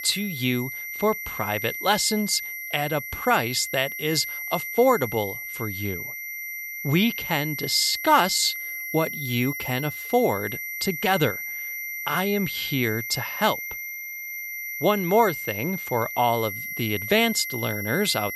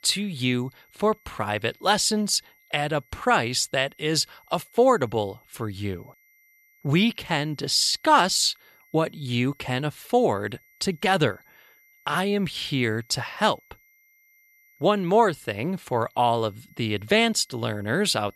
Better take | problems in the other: second | high-pitched whine; loud; throughout; 2 kHz, 6 dB below the speech; faint in the second

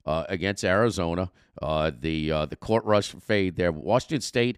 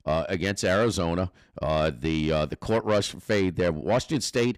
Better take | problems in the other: first | distortion; slight; 10 dB below the speech

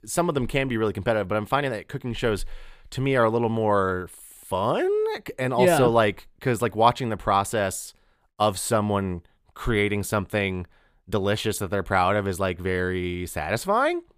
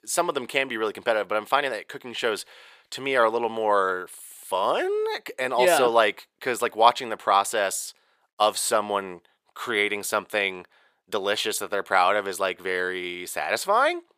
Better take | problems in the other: first | thin; somewhat; fading below 450 Hz

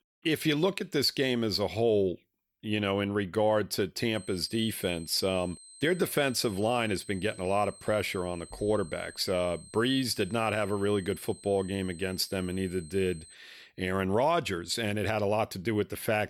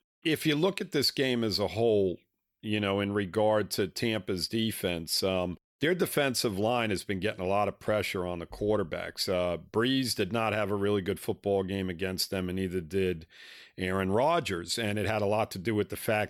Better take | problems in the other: second | high-pitched whine; noticeable; from 4 to 13 s; 8.5 kHz, 20 dB below the speech

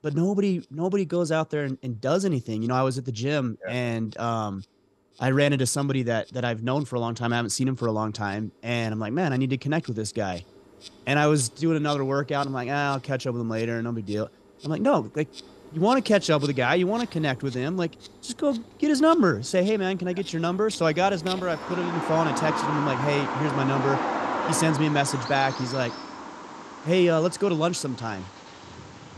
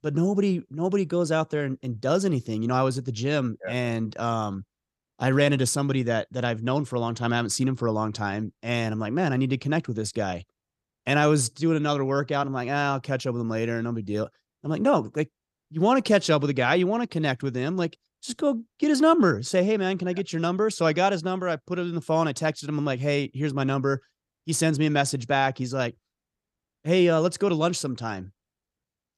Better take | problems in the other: second | animal sounds; loud; throughout; 8 dB below the speech

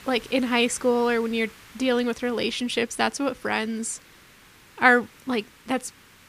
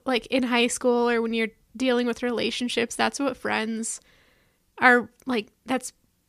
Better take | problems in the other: second | hiss; faint; throughout; 25 dB below the speech

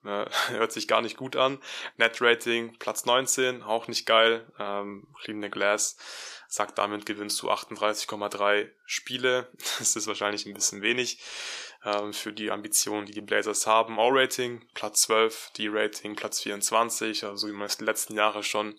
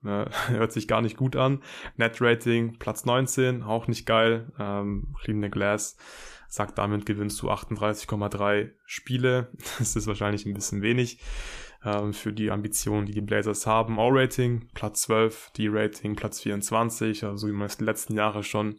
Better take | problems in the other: second | thin; somewhat; fading below 450 Hz

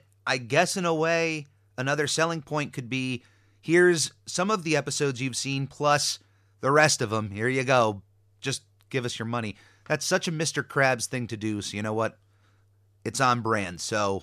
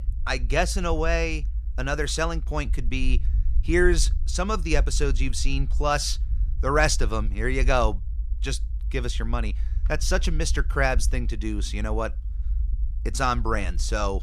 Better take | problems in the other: first | low rumble; faint; throughout; 25 dB below the speech

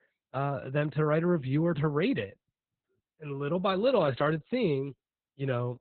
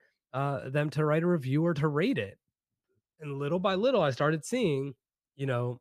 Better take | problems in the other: second | garbled, watery; badly; nothing above 4 kHz

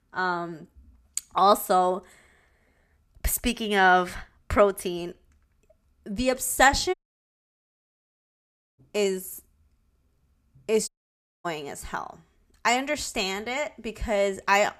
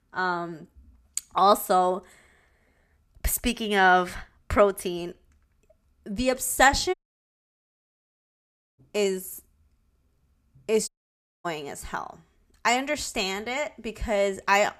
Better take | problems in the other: neither | audio cutting out; at 7 s for 2 s and at 11 s for 0.5 s; the same in both

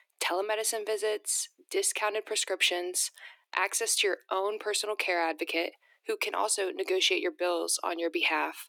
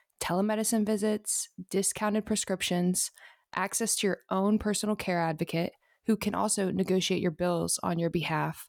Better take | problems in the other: second | thin; very; fading below 300 Hz

